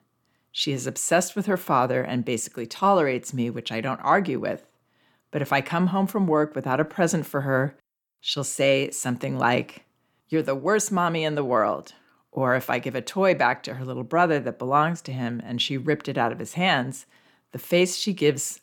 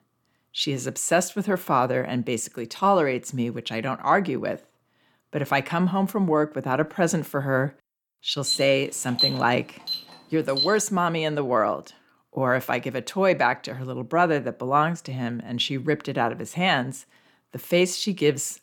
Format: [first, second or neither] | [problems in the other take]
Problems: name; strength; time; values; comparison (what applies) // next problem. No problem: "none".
first | alarm; loud; from 8.5 to 11 s; peak 2 dB above the speech